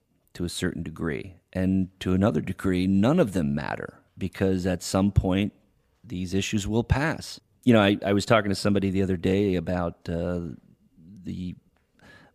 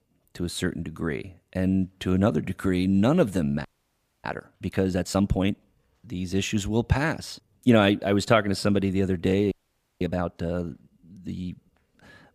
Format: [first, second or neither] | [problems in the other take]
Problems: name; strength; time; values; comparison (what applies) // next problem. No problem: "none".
first | audio freezing; at 3.5 s for 0.5 s and at 9.5 s for 0.5 s